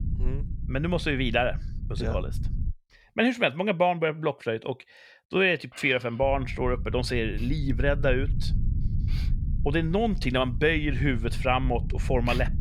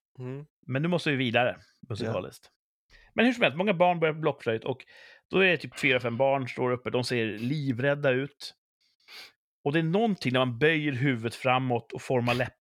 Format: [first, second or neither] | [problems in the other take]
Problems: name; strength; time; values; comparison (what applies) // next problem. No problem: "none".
second | low rumble; faint; until 2.5 s and from 6 s on; 20 dB below the speech